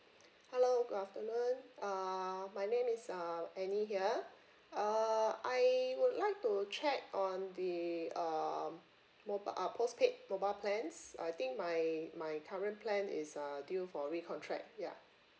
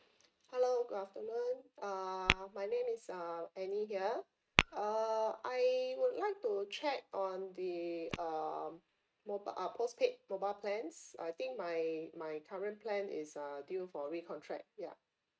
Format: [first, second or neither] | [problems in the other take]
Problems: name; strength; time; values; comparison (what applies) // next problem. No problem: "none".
first | noise reduction (neural mask model RNNoise)